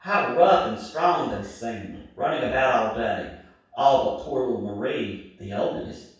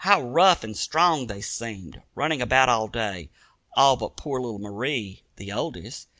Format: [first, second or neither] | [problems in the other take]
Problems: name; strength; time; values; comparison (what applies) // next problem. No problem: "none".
second | room echo; dies away in 0.7 s